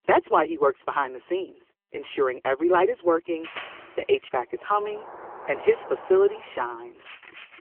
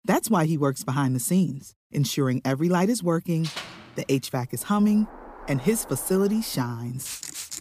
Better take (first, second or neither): second